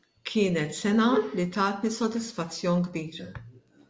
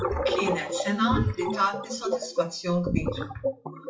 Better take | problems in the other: first | noise reduction (classical method WPE with log-MMSE)

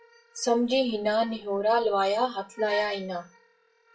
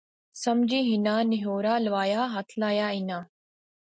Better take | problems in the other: second | noise reduction (classical method WPE with log-MMSE)

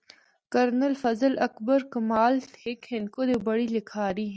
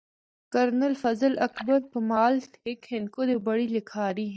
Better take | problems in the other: first | noise reduction (neural mask model DeepFilterNet 3)

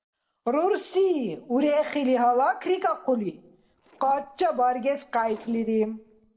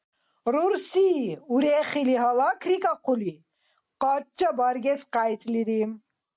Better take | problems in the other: second | noise reduction (neural separator model SepFormer DNS4)

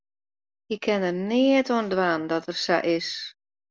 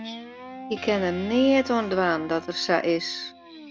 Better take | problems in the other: first | background sound (Guitar); 15 dB below the speech

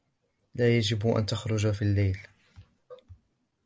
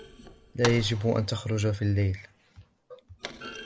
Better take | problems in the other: first | background sound (Thump, thud); 12 dB below the speech

